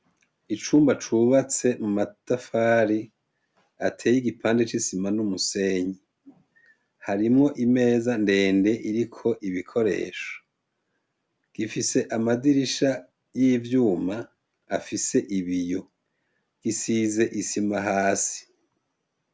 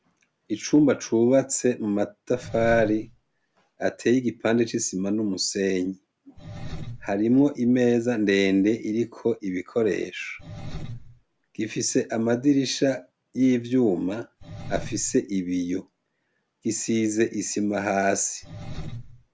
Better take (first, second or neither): first